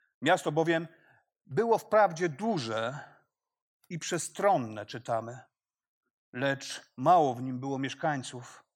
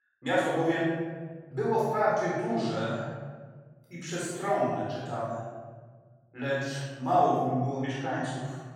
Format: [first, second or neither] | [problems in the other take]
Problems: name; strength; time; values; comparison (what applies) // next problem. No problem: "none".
first | room echo; strong; dies away in 1.6 s // off-mic speech; far